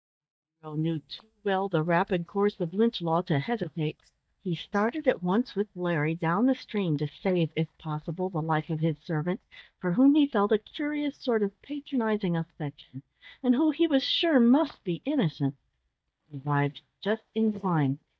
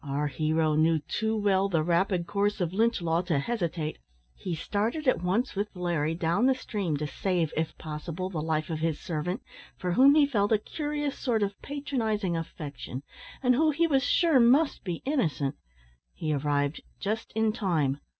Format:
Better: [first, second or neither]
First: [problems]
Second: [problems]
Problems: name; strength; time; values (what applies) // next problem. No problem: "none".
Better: second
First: noise reduction (neural mask model DeepFilterNet 3)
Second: none